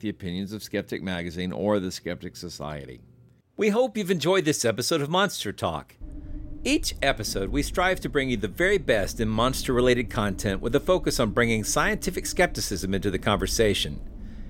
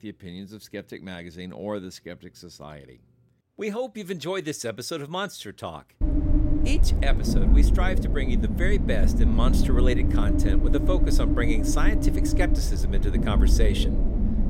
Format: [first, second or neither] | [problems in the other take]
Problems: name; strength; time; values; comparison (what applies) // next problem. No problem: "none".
first | low rumble; loud; from 6 s on; 2 dB below the speech; faint in the first